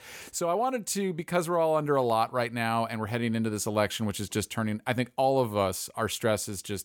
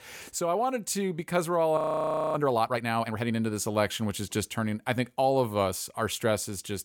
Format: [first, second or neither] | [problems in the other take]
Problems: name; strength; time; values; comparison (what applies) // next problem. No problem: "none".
first | audio freezing; at 2 s for 0.5 s